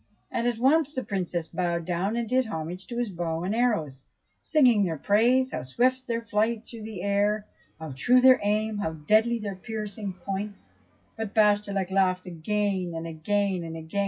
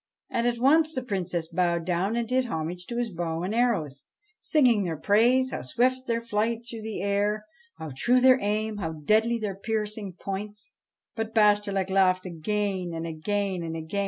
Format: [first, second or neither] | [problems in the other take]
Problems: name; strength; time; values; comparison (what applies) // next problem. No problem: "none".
second | noise reduction (classical method WPE with log-MMSE)